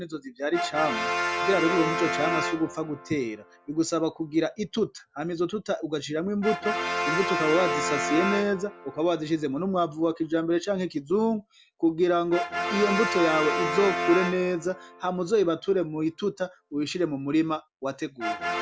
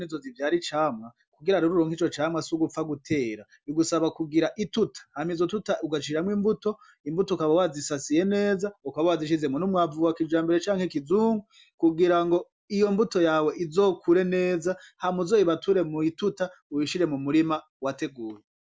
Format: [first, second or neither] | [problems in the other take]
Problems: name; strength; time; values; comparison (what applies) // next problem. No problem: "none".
second | background sound (Brass instrument); 5 dB below the speech